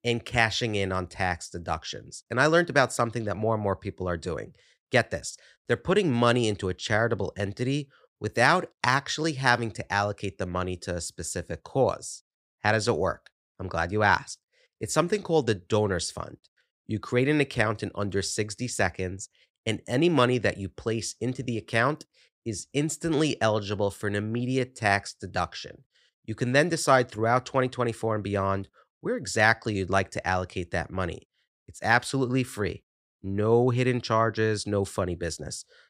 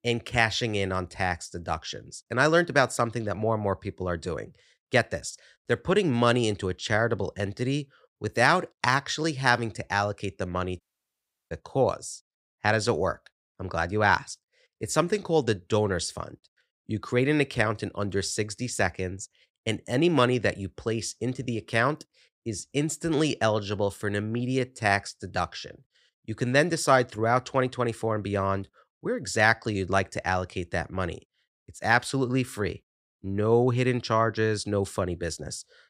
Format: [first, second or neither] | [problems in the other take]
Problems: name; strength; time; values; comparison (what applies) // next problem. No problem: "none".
first | audio cutting out; at 11 s for 0.5 s